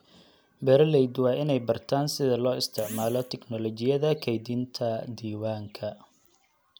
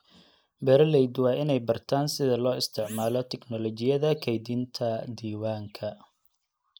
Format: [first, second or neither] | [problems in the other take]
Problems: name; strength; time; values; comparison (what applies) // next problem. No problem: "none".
first | noise reduction (neural mask model Resemble Enhance denoiser)